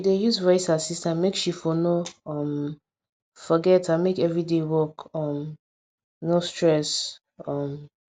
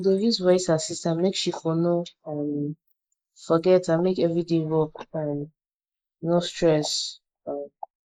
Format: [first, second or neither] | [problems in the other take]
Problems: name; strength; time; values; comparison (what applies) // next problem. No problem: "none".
first | noise reduction (neural mask model Resemble Enhance denoiser)